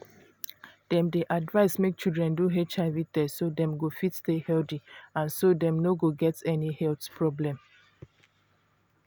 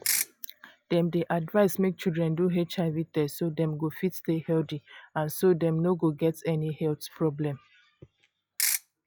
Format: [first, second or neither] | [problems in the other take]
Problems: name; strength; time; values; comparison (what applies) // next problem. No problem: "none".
first | noise reduction (classical method log-MMSE)